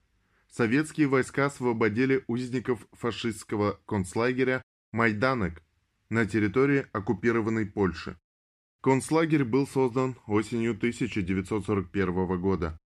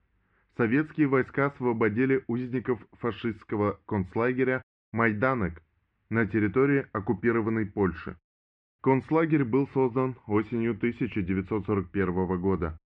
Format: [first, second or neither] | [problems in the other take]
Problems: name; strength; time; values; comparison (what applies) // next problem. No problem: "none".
first | muffled; very; fading above 2.5 kHz